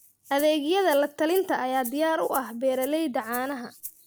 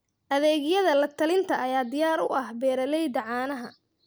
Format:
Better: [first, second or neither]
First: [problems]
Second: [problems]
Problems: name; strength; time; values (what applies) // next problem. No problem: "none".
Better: second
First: background sound (Rattle (instrument)); 18 dB below the speech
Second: none